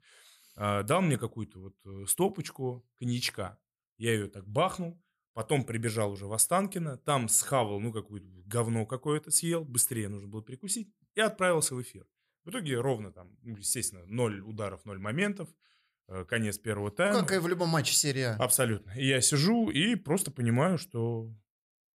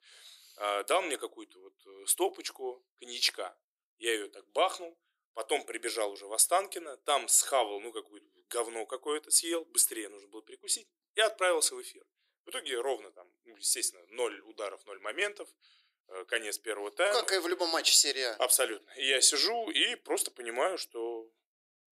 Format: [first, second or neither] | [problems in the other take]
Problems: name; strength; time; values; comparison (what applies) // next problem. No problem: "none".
first | thin; very; fading below 350 Hz